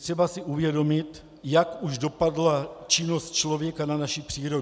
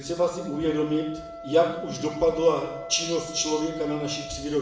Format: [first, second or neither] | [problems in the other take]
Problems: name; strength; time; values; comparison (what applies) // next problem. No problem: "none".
first | background sound (Wind instrument, woodwind instrument); 13 dB below the speech // room echo; dies away in 0.7 s